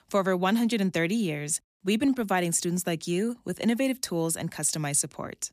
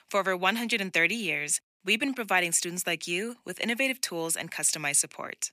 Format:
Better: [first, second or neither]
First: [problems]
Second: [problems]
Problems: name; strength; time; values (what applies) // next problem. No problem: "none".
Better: first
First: none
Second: thin; somewhat; fading below 650 Hz